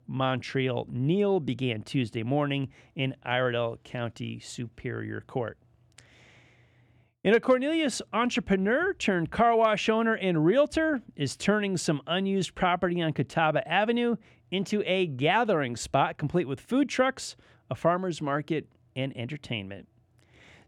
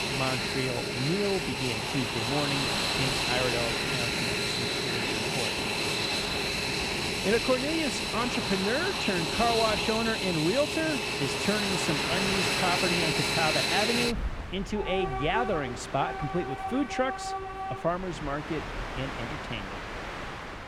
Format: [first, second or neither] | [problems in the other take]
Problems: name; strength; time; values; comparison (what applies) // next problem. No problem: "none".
first | train or aircraft noise; very loud; throughout; 2 dB above the speech